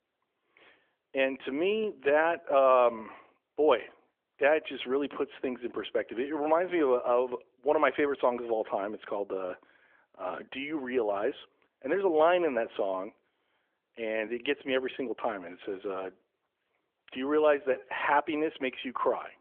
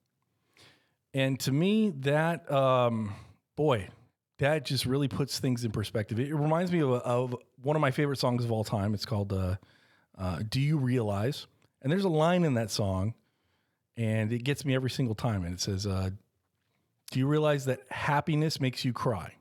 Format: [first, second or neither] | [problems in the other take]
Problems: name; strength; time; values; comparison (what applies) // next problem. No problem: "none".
second | phone-call audio; nothing above 3.5 kHz